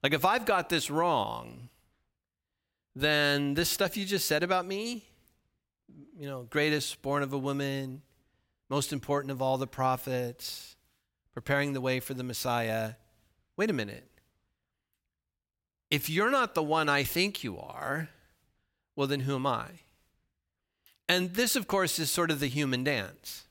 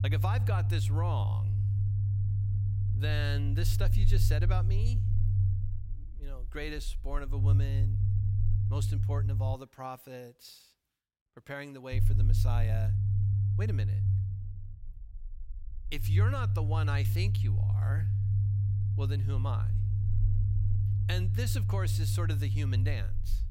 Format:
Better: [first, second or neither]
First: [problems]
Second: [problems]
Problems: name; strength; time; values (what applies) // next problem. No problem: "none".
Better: first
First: none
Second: low rumble; loud; until 9.5 s and from 12 s on; 3 dB below the speech